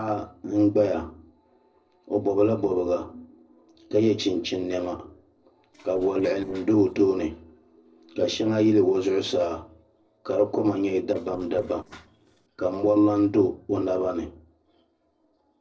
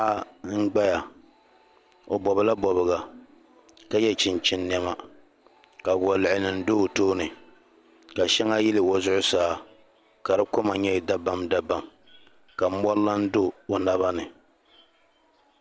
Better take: second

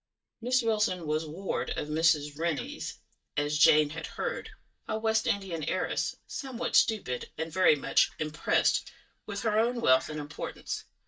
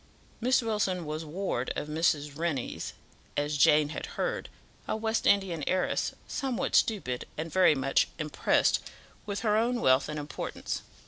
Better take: second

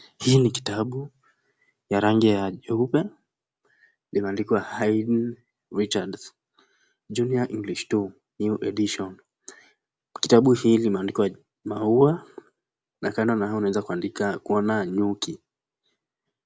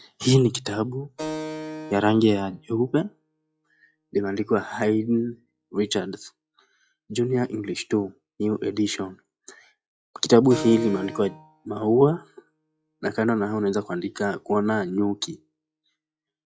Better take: first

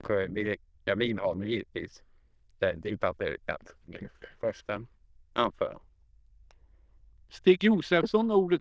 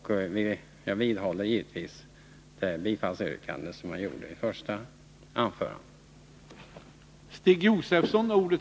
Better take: second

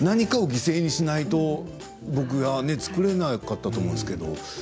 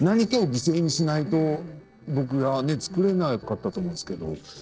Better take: first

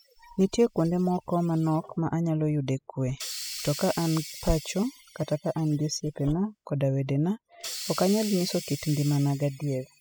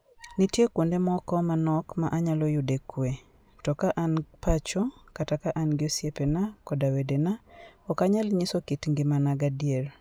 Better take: second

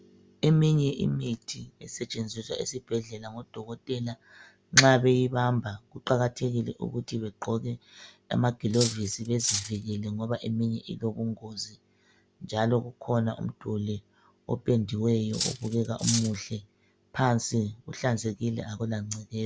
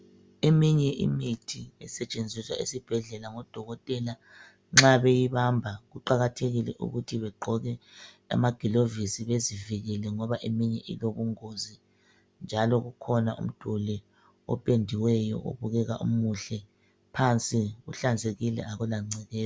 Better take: second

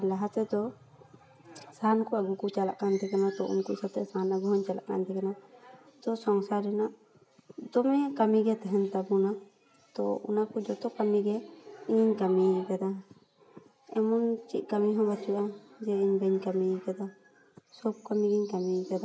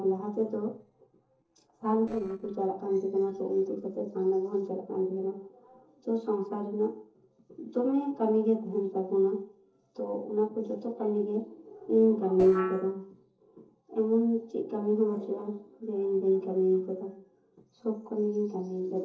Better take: first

